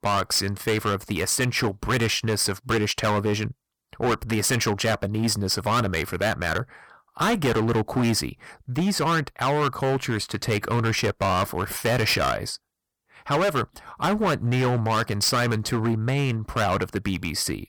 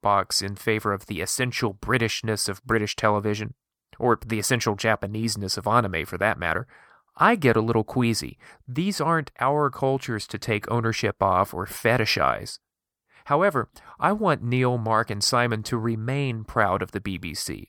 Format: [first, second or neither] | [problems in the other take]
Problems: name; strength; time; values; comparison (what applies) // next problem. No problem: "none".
second | distortion; heavy; 14% of the sound clipped